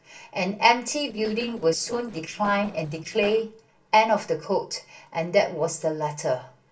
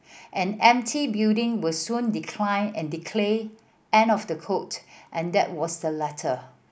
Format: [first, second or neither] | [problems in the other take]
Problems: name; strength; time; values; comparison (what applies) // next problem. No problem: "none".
second | noise reduction (neural separator model SepFormer DNS4)